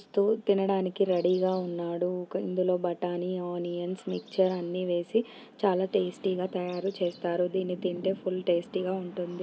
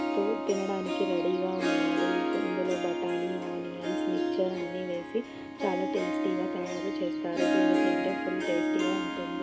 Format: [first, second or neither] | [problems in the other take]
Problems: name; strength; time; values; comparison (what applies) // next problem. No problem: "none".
first | background sound (Harp); 4 dB above the speech